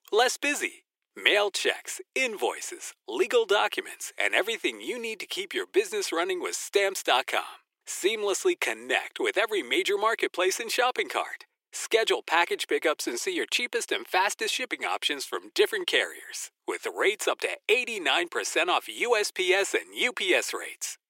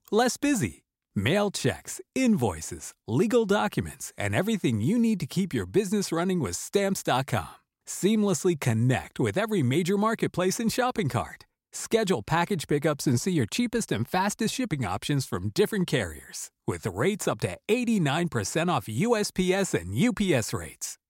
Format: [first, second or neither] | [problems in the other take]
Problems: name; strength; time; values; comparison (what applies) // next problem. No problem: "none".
second | thin; very; fading below 350 Hz